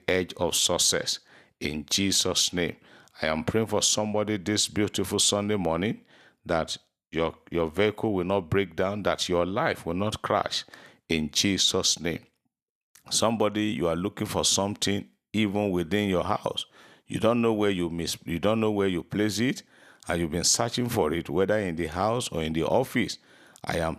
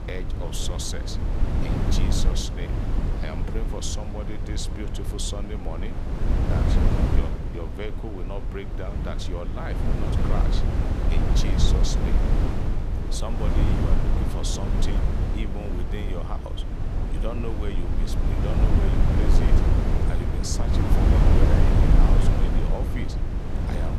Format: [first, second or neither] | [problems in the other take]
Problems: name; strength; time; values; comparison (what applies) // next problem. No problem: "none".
first | wind noise on the microphone; heavy; 2 dB above the speech